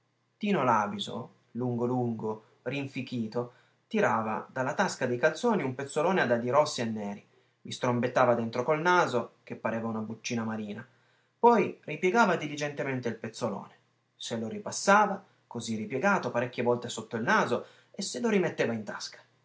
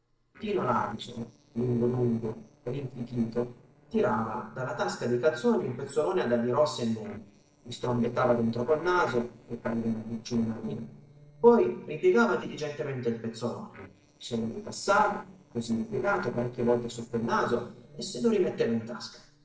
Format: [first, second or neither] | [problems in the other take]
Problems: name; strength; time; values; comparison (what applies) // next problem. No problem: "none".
first | noise reduction (neural separator model SepFormer DNS4)